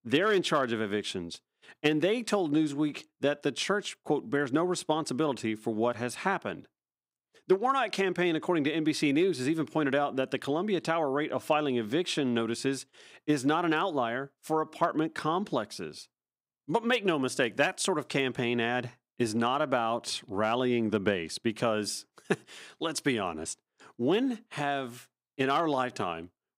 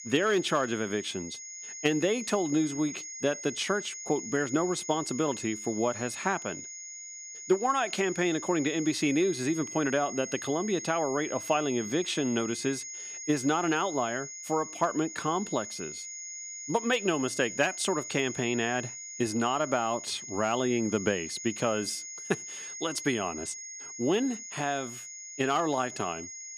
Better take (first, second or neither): first